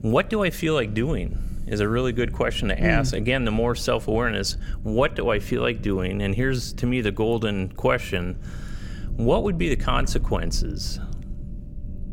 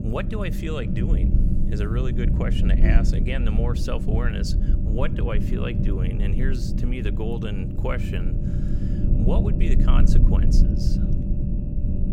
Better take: first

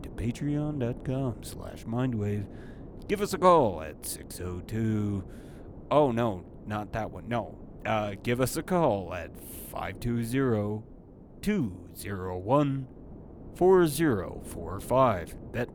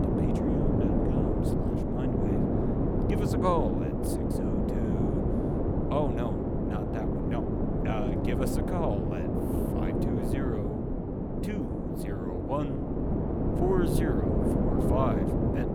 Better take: first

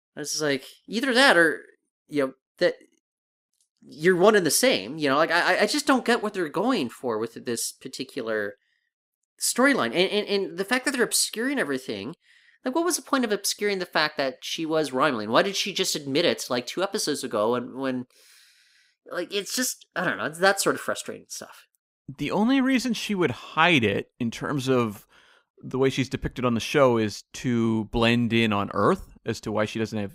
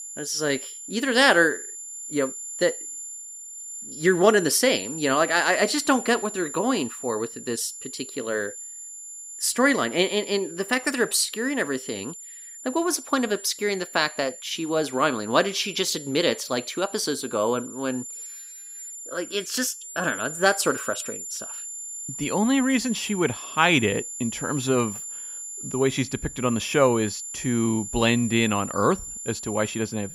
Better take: first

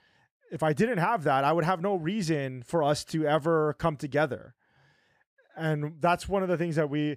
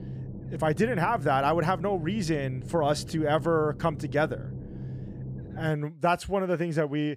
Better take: first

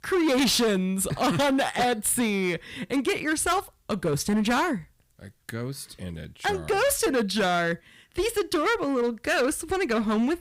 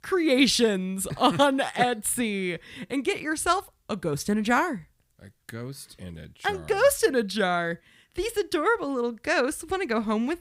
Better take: second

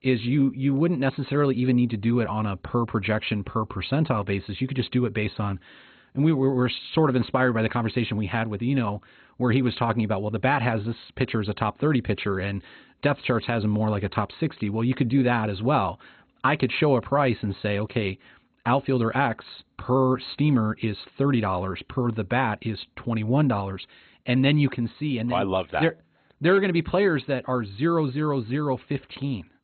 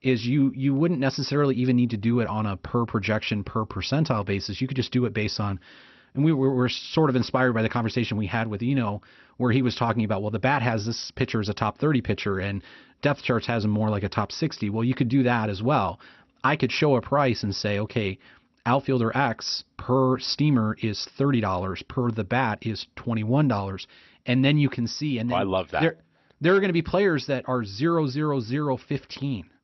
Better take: second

